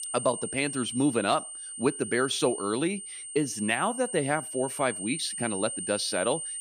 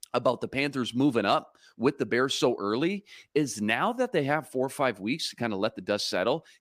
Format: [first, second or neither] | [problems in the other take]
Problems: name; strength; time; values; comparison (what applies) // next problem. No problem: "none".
second | high-pitched whine; loud; throughout; 9 kHz, 6 dB below the speech